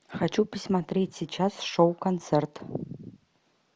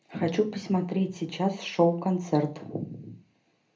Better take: first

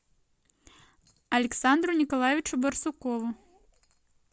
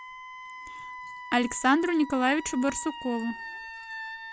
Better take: first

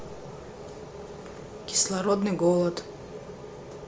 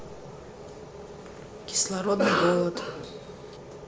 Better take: first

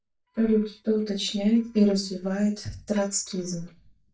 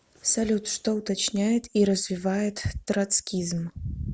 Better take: second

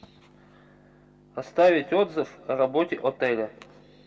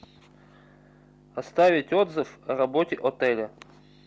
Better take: second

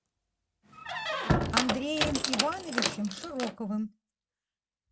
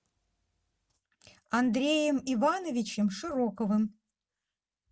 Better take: second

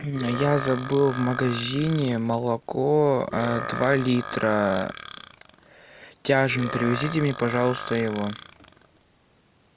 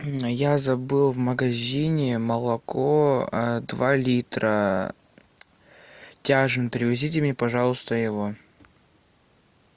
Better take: second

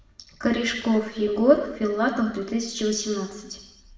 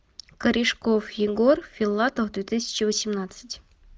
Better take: second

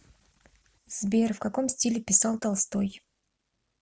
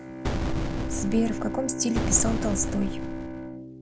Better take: first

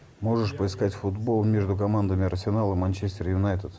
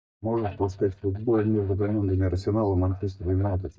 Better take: first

